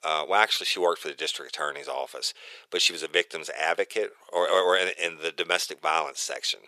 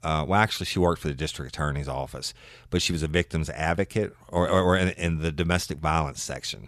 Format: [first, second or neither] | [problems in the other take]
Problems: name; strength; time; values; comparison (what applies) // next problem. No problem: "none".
second | thin; very; fading below 450 Hz